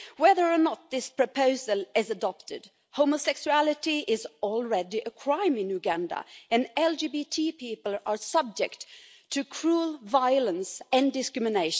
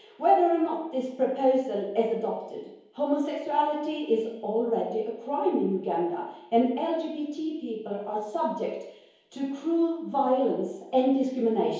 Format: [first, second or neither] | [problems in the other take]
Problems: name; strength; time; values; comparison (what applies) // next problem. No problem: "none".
first | room echo; dies away in 1 s